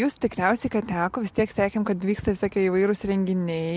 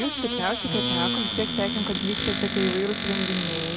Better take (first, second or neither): first